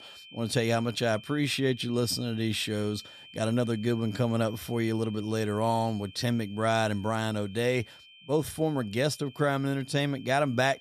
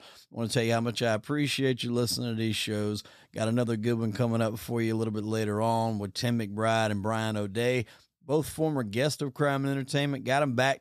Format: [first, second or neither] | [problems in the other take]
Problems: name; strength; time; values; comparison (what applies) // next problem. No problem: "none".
second | high-pitched whine; noticeable; throughout; 3 kHz, 20 dB below the speech